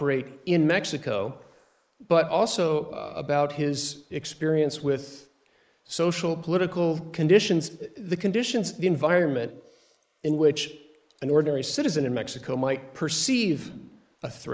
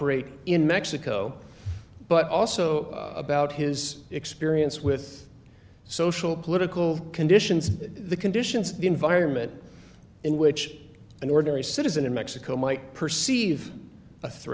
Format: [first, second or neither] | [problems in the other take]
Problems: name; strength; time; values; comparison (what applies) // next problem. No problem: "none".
second | noise reduction (neural mask model Resemble Enhance denoiser)